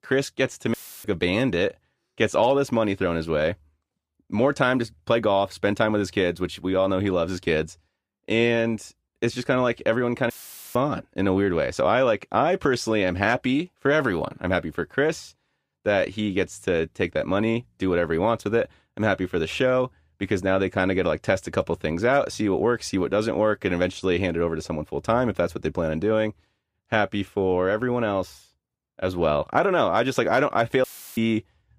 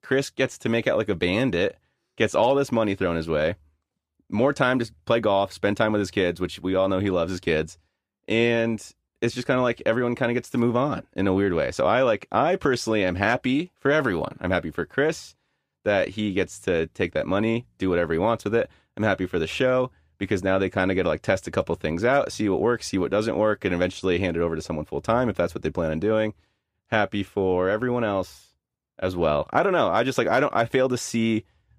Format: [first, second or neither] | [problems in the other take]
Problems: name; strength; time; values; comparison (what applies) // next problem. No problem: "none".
second | audio cutting out; filled with static; at 0.5 s, at 10 s and at 31 s